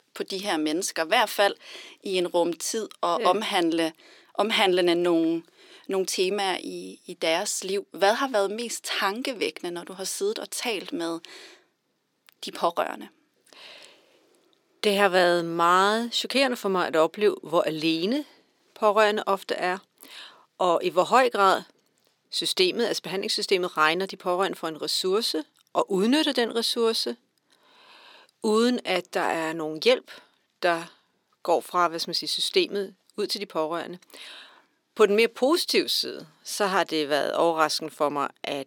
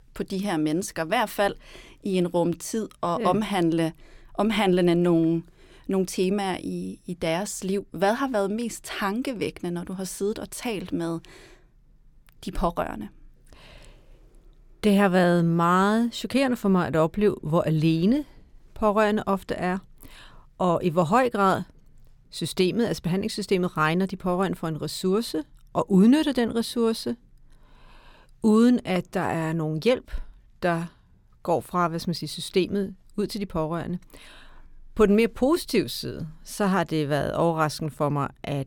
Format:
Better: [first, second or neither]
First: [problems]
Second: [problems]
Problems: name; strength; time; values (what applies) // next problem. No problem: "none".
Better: second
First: thin; somewhat; fading below 300 Hz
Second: none